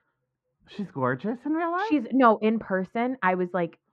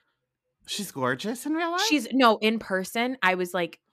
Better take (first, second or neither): second